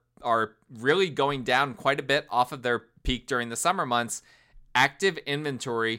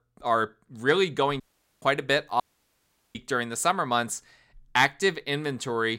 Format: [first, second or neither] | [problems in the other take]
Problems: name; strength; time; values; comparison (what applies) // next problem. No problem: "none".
first | audio cutting out; at 1.5 s and at 2.5 s for 1 s